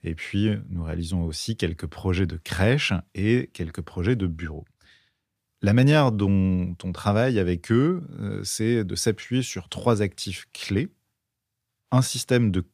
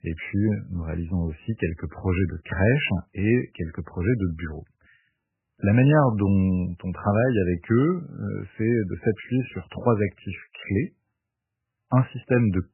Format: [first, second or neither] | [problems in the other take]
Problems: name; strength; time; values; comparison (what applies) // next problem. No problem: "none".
first | garbled, watery; badly; nothing above 3 kHz